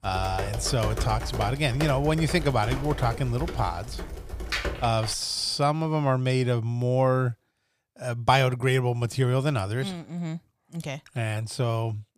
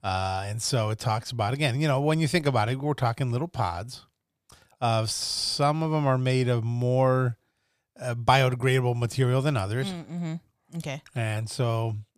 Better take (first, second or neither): second